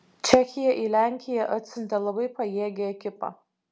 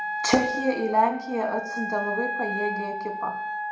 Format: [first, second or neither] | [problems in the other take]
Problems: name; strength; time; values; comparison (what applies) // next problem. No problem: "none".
first | background sound (Wind instrument, woodwind instrument); 4 dB below the speech // room echo; dies away in 0.7 s